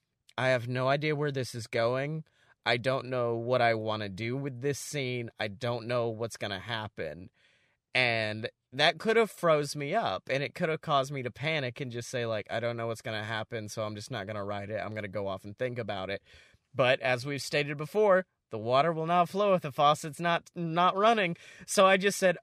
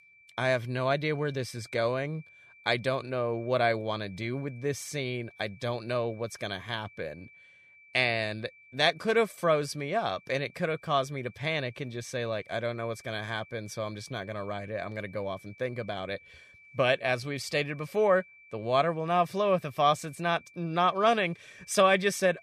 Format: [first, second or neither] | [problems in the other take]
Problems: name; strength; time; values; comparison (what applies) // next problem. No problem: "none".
first | high-pitched whine; faint; throughout; 2.5 kHz, 25 dB below the speech